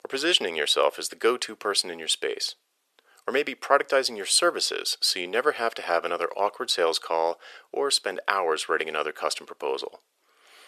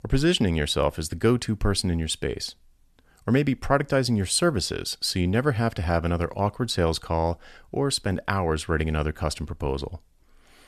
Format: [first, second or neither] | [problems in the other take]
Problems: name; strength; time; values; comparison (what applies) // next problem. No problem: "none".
second | thin; very; fading below 400 Hz